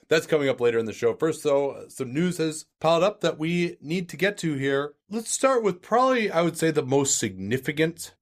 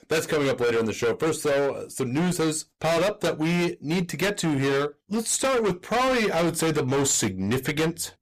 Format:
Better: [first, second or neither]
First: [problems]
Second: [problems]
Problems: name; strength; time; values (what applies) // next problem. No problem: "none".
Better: first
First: none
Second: distortion; heavy; 27% of the sound clipped